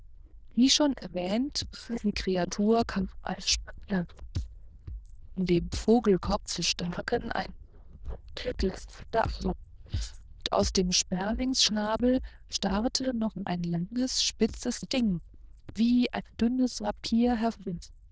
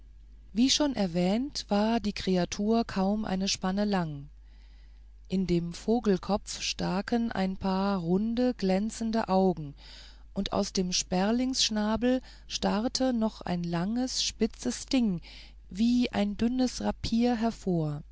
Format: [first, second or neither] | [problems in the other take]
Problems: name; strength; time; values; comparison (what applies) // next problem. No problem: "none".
second | noise reduction (neural diffusion model UNIVERSE++)